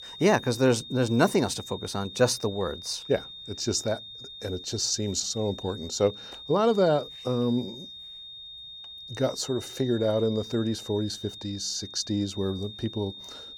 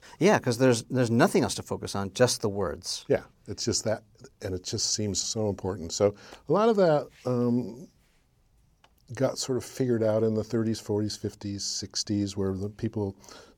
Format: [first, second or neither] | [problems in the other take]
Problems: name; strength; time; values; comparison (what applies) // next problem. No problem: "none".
second | high-pitched whine; noticeable; throughout; 3.5 kHz, 15 dB below the speech